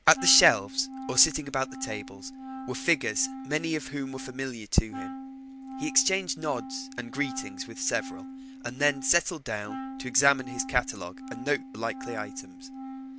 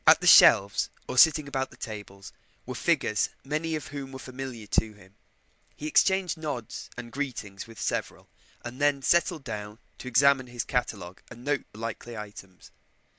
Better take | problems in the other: second | background sound (Wind instrument, woodwind instrument); 11 dB below the speech

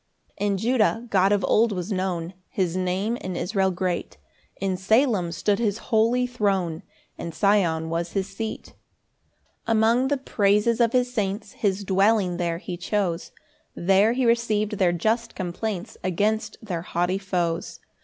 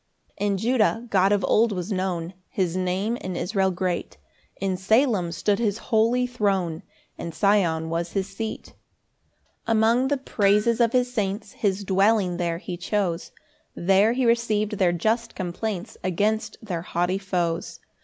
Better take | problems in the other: first | background sound (Hammer); 20 dB below the speech

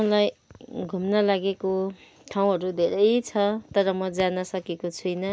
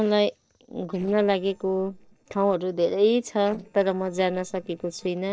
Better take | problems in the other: first | noise reduction (neural separator model SepFormer DNS4)

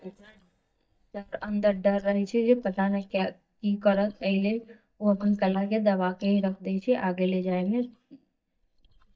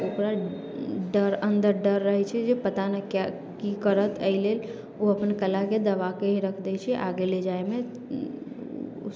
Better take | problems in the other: second | noise reduction (neural mask model DeepFilterNet 3)

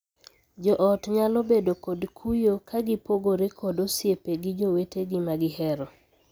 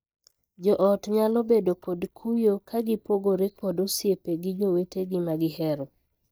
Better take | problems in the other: first | noise reduction (neural mask model DeepFilterNet 3)

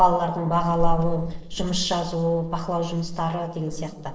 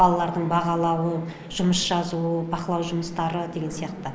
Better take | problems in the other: second | noise reduction (neural separator model SepFormer DNS4)

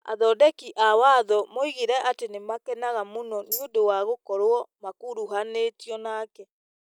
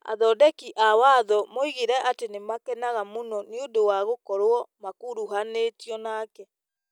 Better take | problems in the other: second | noise reduction (neural mask model DeepFilterNet 3)

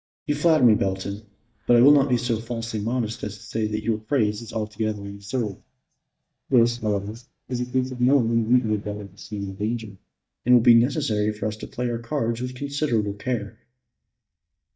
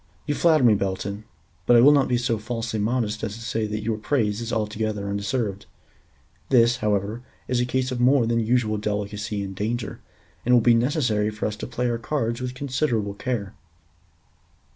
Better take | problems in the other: second | noise reduction (neural mask model DeepFilterNet 3)

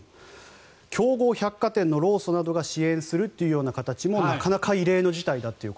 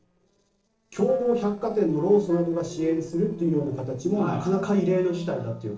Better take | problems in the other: first | noise reduction (neural separator model SepFormer DNS4)

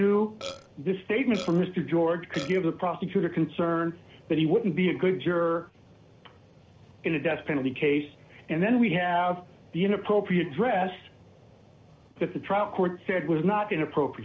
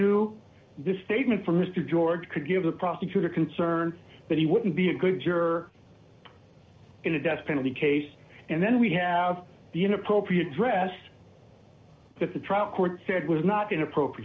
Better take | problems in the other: second | background sound (Burping, eructation); 12 dB below the speech

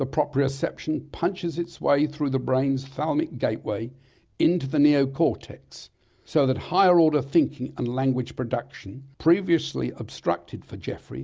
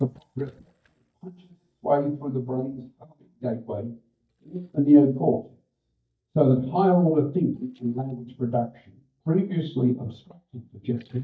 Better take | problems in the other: first | noise reduction (neural mask model DeepFilterNet 3)

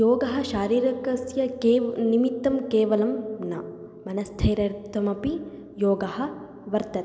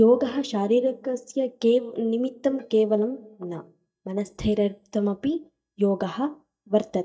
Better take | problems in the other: first | noise reduction (neural mask model DeepFilterNet 3)

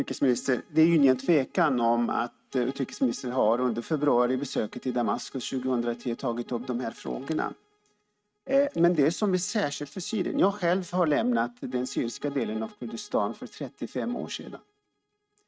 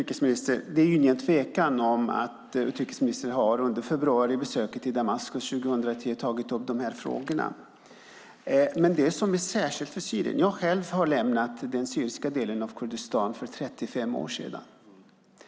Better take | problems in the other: second | noise reduction (neural mask model RNNoise)

